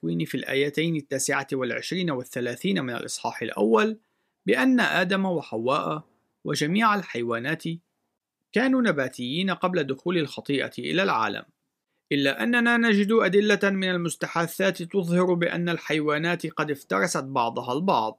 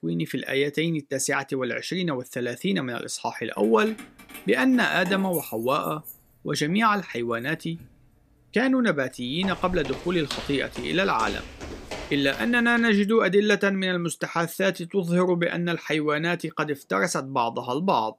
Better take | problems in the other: first | jangling keys; noticeable; from 3.5 to 8 s; peak 9 dB below the speech // footsteps; noticeable; from 9.5 to 13 s; peak 9 dB below the speech

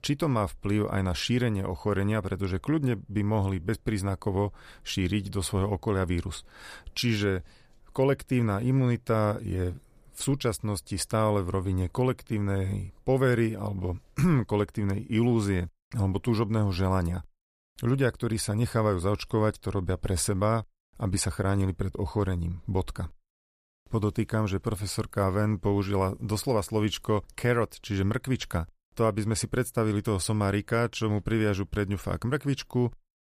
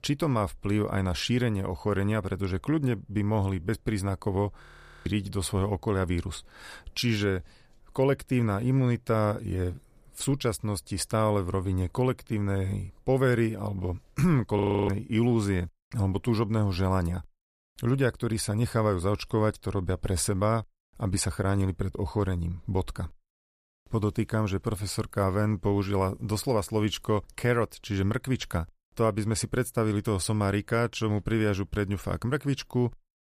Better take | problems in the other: first | audio freezing; at 4.5 s and at 15 s

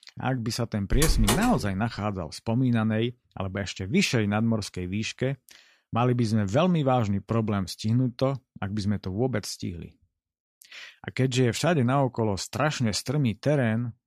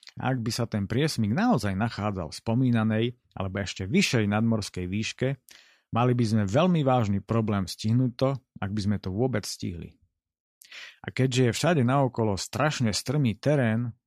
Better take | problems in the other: second | door banging; loud; at 1 s; peak 2 dB above the speech

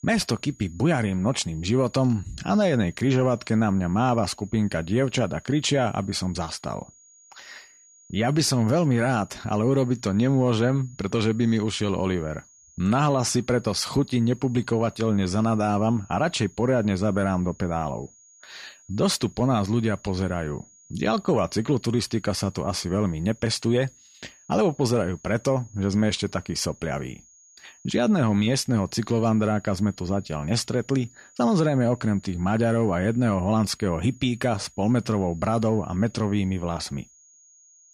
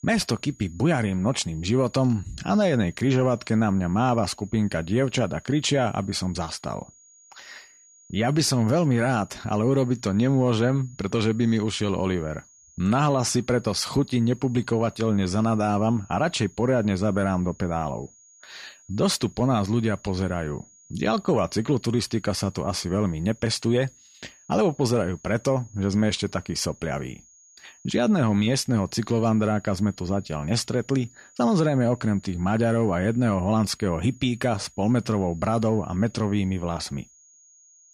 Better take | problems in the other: neither | high-pitched whine; faint; throughout; 6.5 kHz, 25 dB below the speech; the same in both

